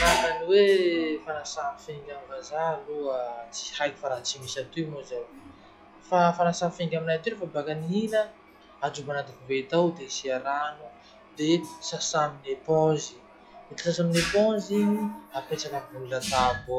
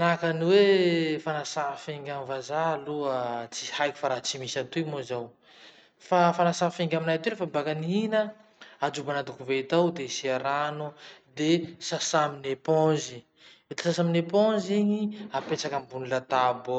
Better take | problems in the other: second | noise reduction (classical method log-MMSE)

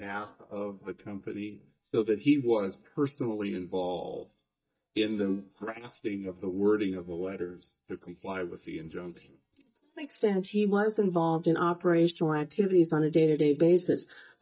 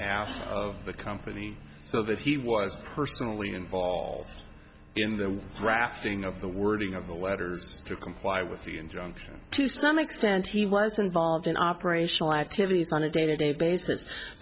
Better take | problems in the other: second | noise reduction (neural mask model DeepFilterNet 3)

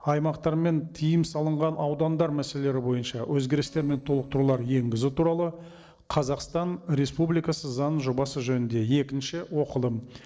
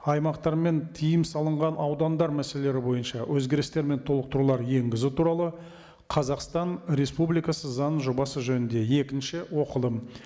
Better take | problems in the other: second | noise reduction (neural separator model SepFormer DNS4)

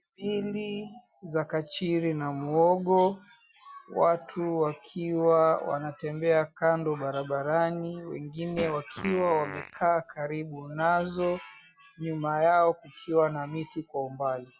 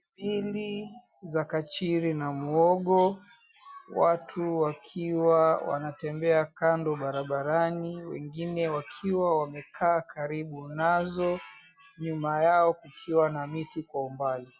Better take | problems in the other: second | background sound (Fart); 13 dB below the speech

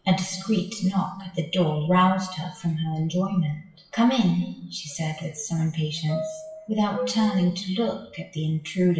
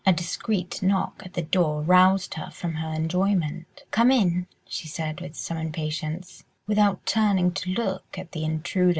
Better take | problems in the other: second | noise reduction (classical method WPE with log-MMSE)

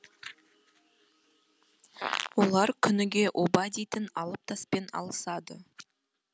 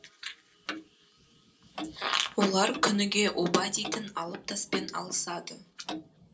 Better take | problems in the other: first | background sound (Clock); 14 dB below the speech // room echo; dies away in 0.2 s

